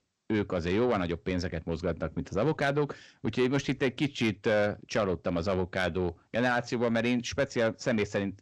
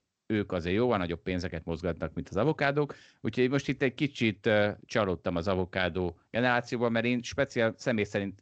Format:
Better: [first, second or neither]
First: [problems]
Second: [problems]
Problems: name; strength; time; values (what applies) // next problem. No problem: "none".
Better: second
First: distortion; slight; 10 dB below the speech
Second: none